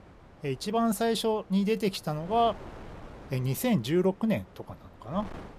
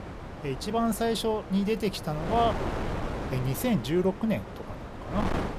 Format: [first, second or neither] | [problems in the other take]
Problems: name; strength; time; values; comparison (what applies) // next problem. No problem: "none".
first | wind noise on the microphone; heavy; 7 dB below the speech; occasional gusts in the first